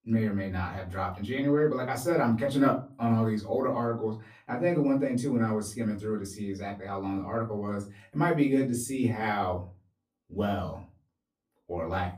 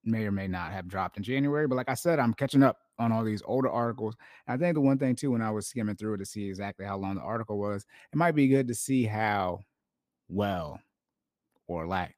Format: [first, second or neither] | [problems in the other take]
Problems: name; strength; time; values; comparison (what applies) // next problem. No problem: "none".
second | off-mic speech; far // room echo; very slight; dies away in 0.3 s